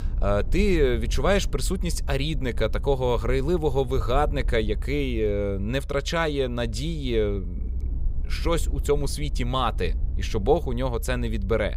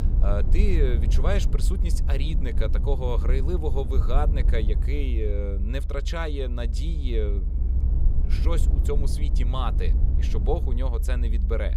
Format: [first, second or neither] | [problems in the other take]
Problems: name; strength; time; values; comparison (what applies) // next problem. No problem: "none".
first | low rumble; loud; throughout; 10 dB below the speech; faint in the first